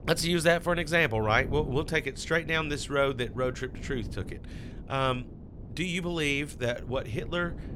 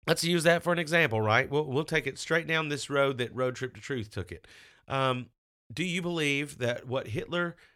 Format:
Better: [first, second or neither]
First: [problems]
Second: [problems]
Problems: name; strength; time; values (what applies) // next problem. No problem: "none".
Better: second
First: wind noise on the microphone; occasional gusts; 20 dB below the speech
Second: none